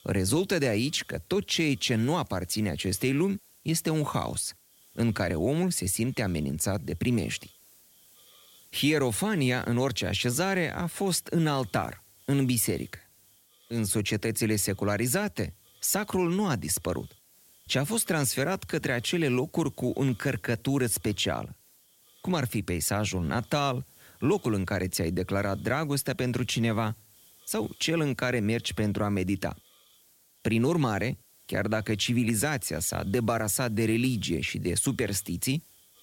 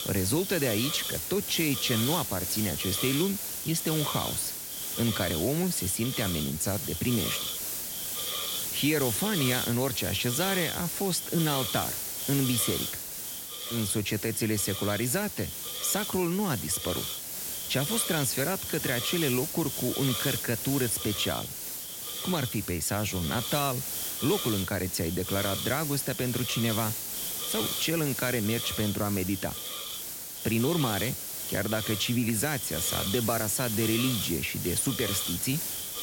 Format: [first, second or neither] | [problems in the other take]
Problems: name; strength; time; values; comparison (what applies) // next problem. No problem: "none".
first | hiss; loud; throughout; 2 dB below the speech; faint in the first